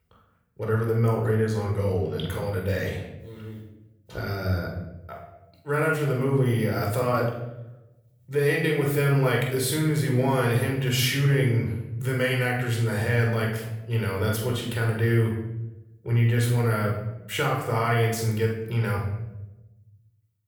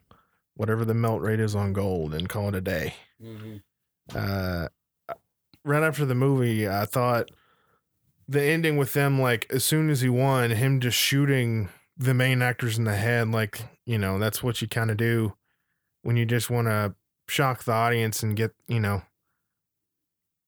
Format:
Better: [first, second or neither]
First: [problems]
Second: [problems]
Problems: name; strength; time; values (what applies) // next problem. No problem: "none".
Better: second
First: off-mic speech; somewhat distant // room echo; noticeable; dies away in 0.8 s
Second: none